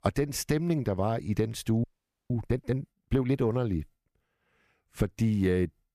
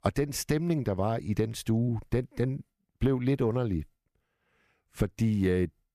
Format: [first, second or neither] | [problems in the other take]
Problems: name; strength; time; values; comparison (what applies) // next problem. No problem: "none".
second | audio freezing; at 2 s